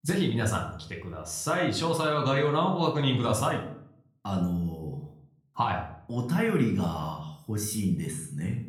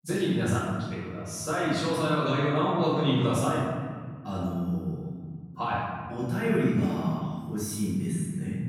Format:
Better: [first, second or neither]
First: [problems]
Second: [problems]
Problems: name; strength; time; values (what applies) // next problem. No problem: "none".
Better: first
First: room echo; slight; dies away in 0.5 s // off-mic speech; somewhat distant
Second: room echo; strong; dies away in 1.8 s // off-mic speech; far